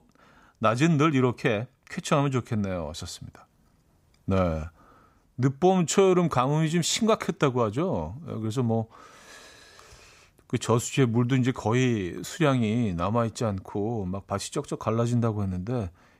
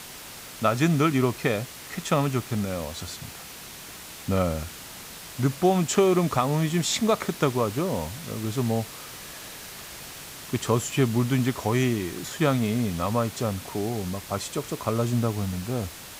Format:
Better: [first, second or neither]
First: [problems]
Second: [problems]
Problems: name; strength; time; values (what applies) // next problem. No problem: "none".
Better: first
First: none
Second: hiss; noticeable; throughout; 15 dB below the speech